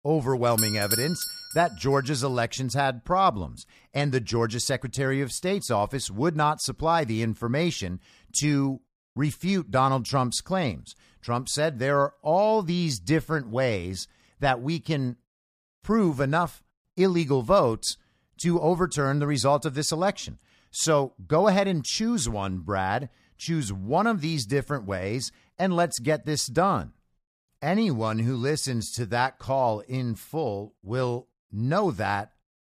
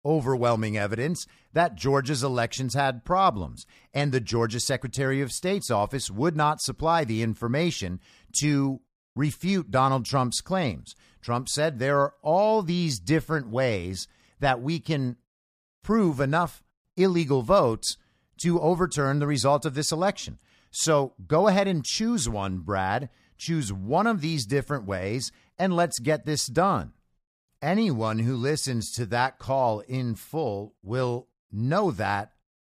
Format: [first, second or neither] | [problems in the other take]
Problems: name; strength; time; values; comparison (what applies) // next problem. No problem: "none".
second | doorbell; loud; at 0.5 s; peak 2 dB above the speech